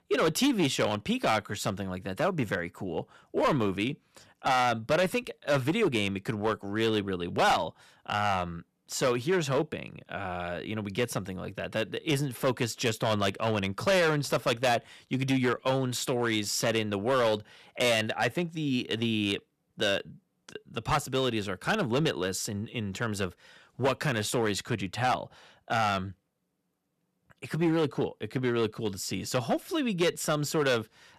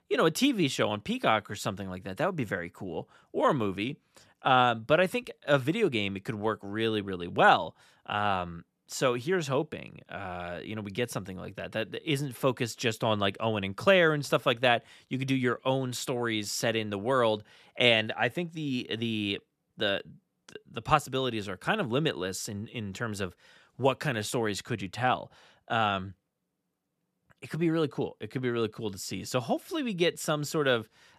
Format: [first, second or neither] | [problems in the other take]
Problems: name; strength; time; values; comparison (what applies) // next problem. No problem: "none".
second | distortion; heavy; 5% of the sound clipped